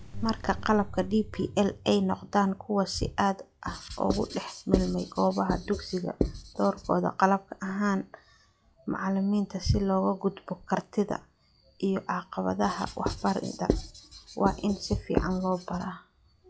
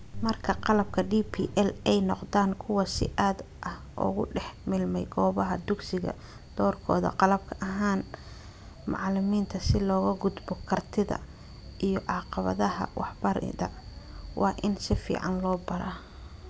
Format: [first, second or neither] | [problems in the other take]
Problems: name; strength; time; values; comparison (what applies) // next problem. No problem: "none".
second | noise reduction (classical method log-MMSE)